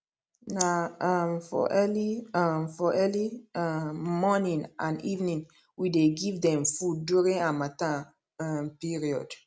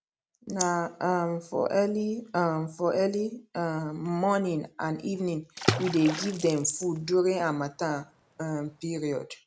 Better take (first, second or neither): first